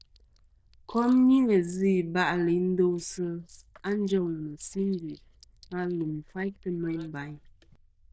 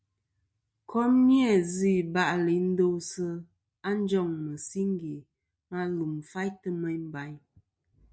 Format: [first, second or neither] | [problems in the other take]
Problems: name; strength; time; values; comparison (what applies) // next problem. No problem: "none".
second | noise reduction (neural diffusion model UNIVERSE++)